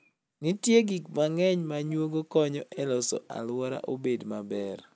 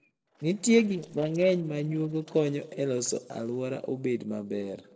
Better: first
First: none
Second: noise reduction (neural separator model SepFormer DNS4)

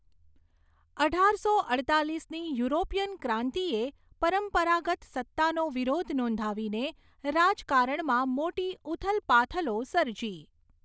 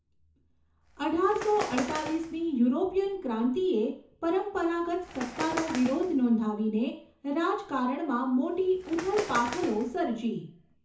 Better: first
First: none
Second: background sound (Bird); 12 dB below the speech // room echo; dies away in 0.6 s

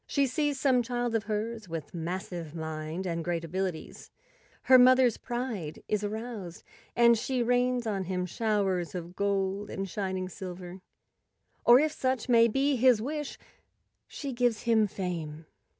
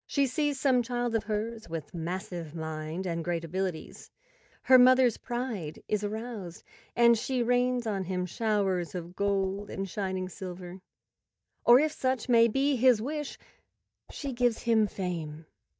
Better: first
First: none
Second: noise reduction (neural mask model DeepFilterNet 3)

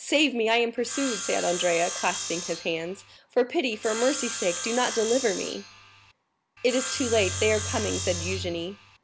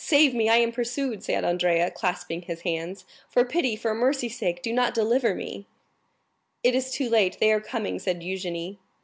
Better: second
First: background sound (Bowed string instrument + Sawing); 6 dB below the speech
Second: none

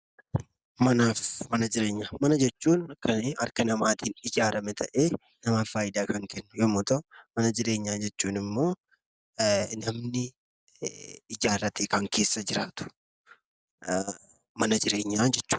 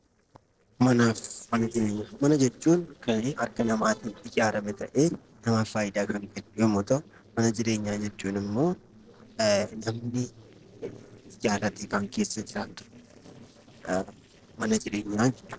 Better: first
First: none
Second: noise reduction (neural separator model SepFormer DNS4)

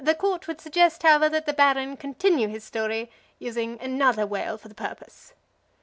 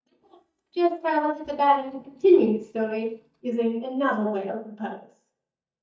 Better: first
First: none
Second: noise reduction (neural mask model DeepFilterNet 3)

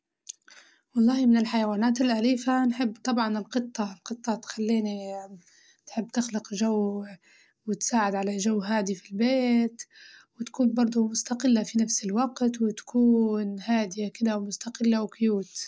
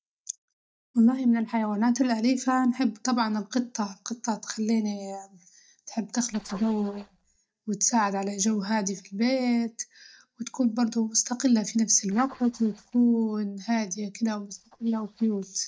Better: first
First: none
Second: noise reduction (neural mask model DeepFilterNet 3)

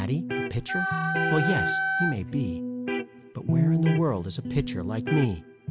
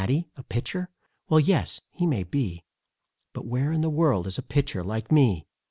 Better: second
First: background sound (Wind instrument, woodwind instrument + Electric guitar); 1 dB above the speech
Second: none

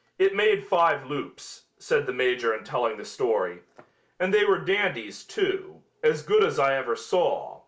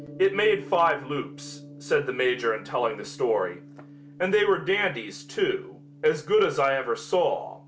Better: first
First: none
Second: background sound (Gong); 19 dB below the speech

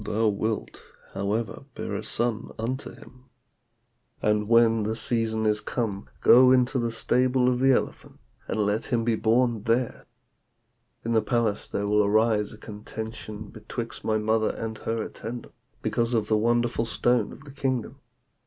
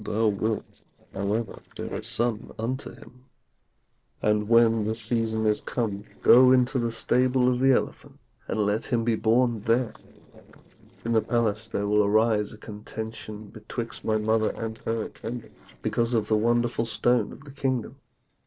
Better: first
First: none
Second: noise reduction (neural separator model SepFormer DNS4)

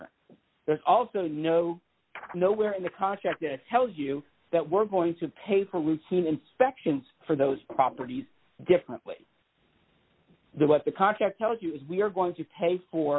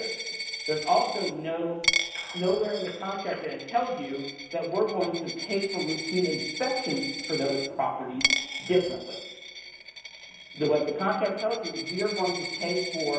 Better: first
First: none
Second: background sound (Coin (dropping)); 5 dB below the speech // room echo; dies away in 0.9 s

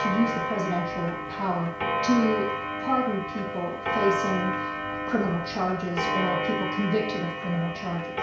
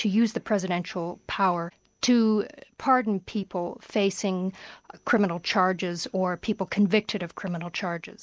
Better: second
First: background sound (Clock); 2 dB below the speech // room echo; dies away in 0.6 s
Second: none

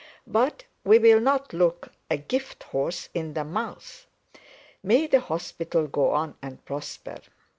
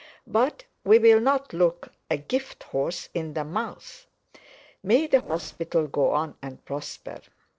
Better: first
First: none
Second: noise reduction (neural separator model SepFormer DNS4)

